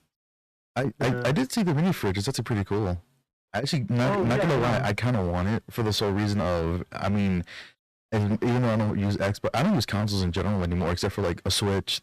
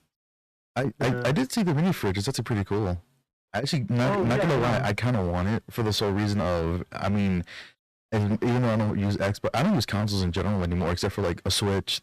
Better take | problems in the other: neither | distortion; heavy; 20% of the sound clipped; the same in both

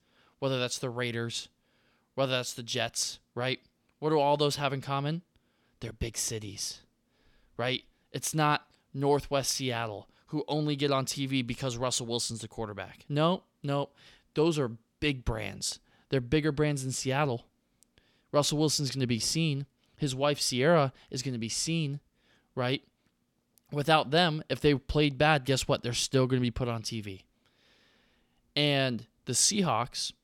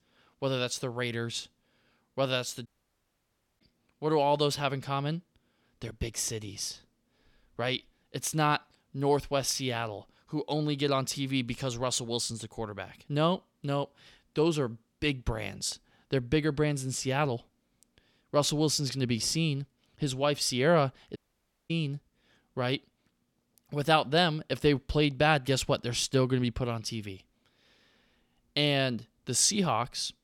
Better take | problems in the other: first | audio cutting out; at 2.5 s for 1 s and at 21 s for 0.5 s

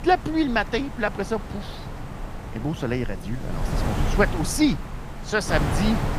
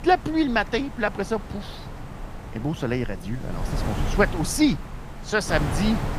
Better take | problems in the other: second | wind noise on the microphone; heavy; 9 dB below the speech; occasional gusts in the second

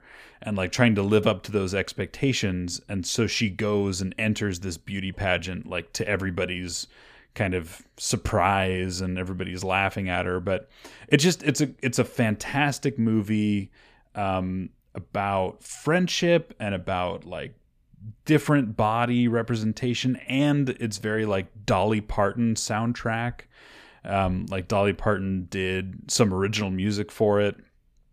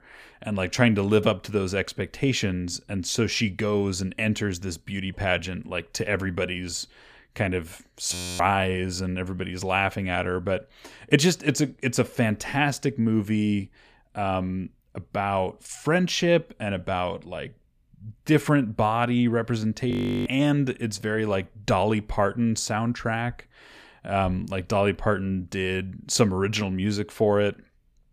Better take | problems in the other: first | audio freezing; at 8 s and at 20 s

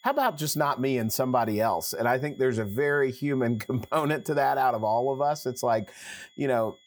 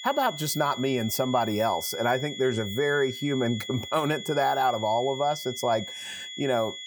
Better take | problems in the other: first | high-pitched whine; loud; throughout; 3.5 kHz, 10 dB below the speech; faint in the first

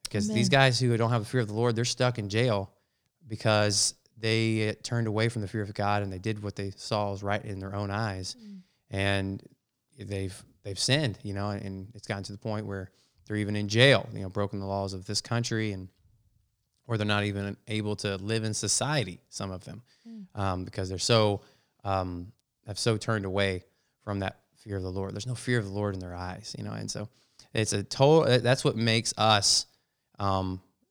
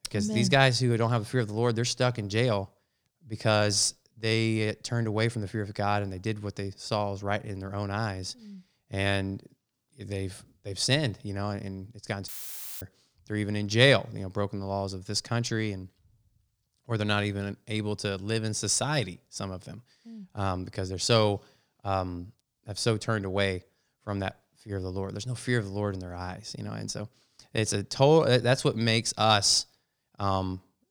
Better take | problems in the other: first | audio cutting out; filled with static; at 12 s for 0.5 s

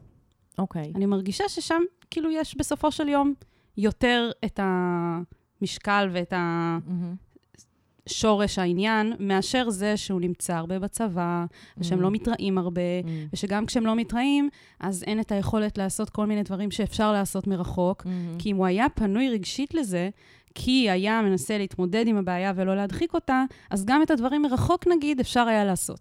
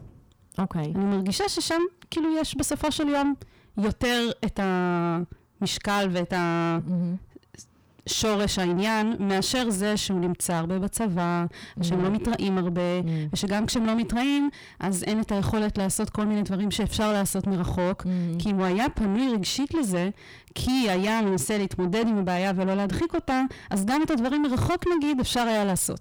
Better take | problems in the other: first | distortion; heavy; 7 dB below the speech

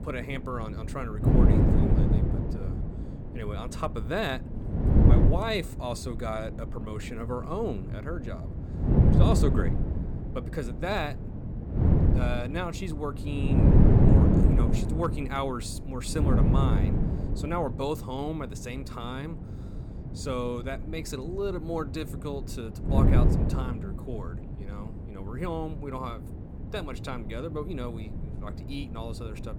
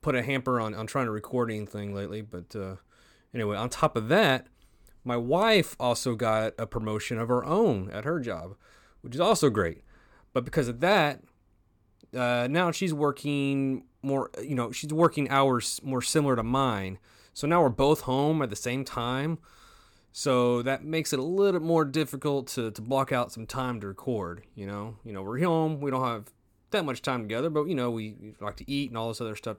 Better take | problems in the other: second | wind noise on the microphone; heavy; 1 dB below the speech

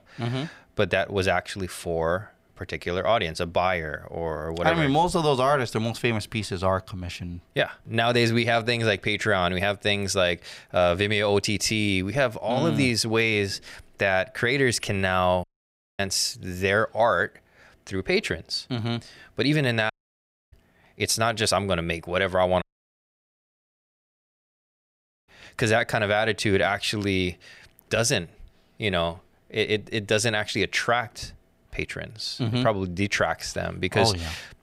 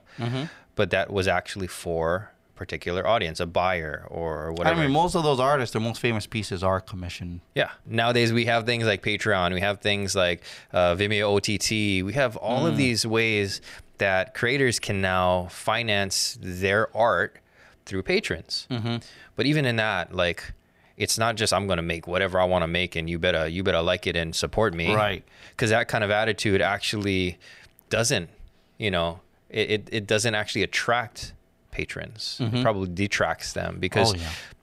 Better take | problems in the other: second | audio cutting out; at 15 s for 0.5 s, at 20 s for 0.5 s and at 23 s for 2.5 s

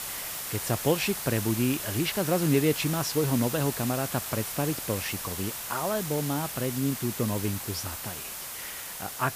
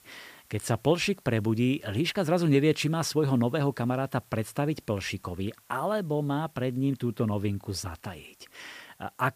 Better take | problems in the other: second | hiss; loud; throughout; 4 dB below the speech; faint in the second

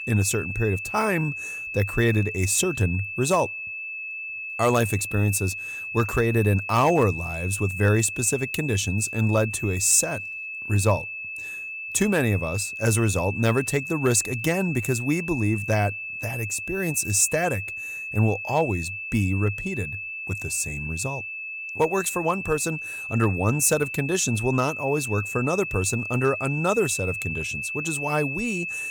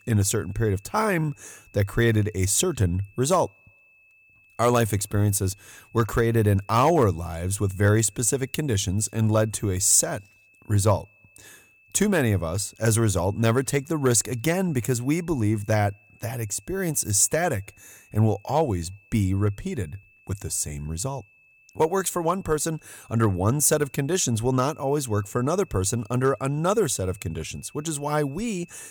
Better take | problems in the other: second | high-pitched whine; loud; throughout; 2.5 kHz, 6 dB below the speech; faint in the second

